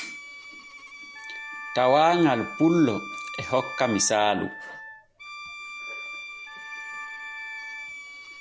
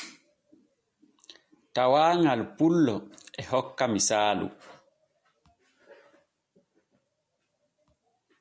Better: second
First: background sound (Bowed string instrument + Wind instrument, woodwind instrument); 11 dB below the speech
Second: none

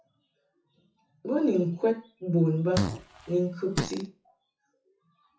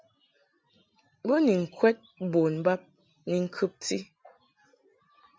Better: second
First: noise reduction (classical method WPE with log-MMSE)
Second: none

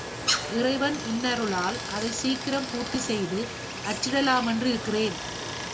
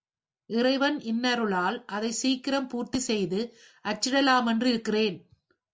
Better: second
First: background sound (Stream); 5 dB below the speech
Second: none

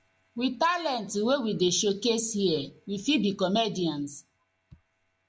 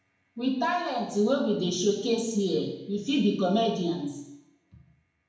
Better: first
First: none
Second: room echo; dies away in 0.8 s

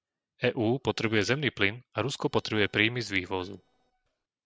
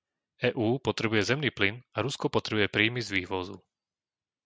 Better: second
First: noise reduction (neural separator model SepFormer DNS4)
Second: none

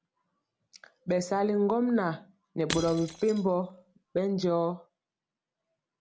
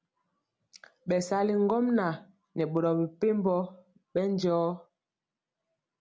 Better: second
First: background sound (Shatter / Crushing); 11 dB below the speech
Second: none

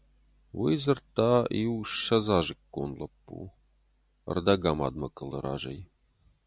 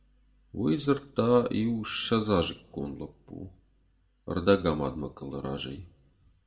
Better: first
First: none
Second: room echo; dies away in 0.3 s

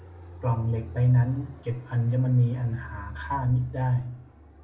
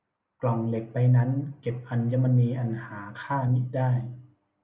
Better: second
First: background sound (Fixed-wing aircraft, airplane); 16 dB below the speech // room echo; dies away in 0.2 s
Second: none

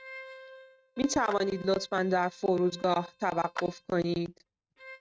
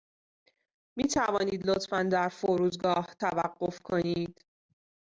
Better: second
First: noise reduction (neural mask model RNNoise)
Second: none

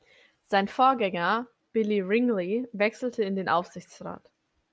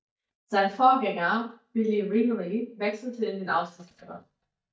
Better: first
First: none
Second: noise reduction (neural mask model DeepFilterNet 3)

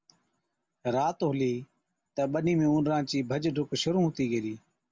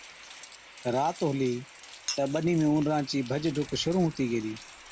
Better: first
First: none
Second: background sound (Chink, clink + Rain); 15 dB below the speech

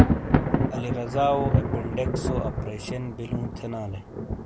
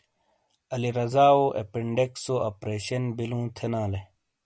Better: second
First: background sound (Thunder); 5 dB above the speech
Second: none

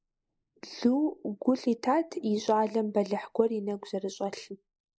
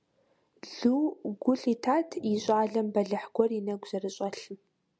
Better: second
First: noise reduction (neural mask model Resemble Enhance denoiser)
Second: none

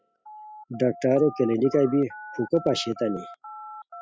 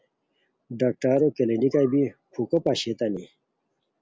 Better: second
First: noise reduction (classical method spectral subtraction)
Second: none

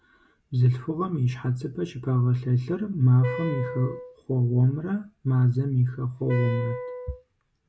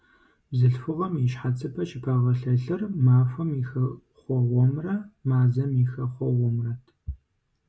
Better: second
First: background sound (Wind instrument, woodwind instrument); 10 dB below the speech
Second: none

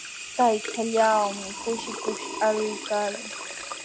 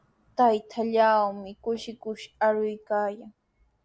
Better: second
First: background sound (Sink (filling or washing) / Water tap, faucet); 8 dB below the speech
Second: none

